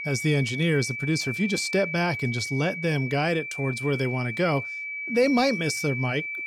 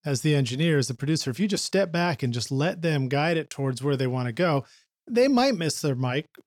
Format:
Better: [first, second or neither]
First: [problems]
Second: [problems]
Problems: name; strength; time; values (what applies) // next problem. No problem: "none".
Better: second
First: high-pitched whine; loud; throughout; 2.5 kHz, 5 dB below the speech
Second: none